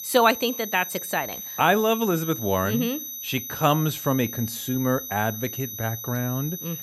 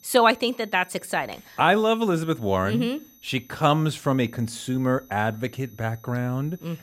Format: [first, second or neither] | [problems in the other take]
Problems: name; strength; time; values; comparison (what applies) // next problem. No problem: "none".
second | high-pitched whine; loud; throughout; 12 kHz, 7 dB below the speech; faint in the second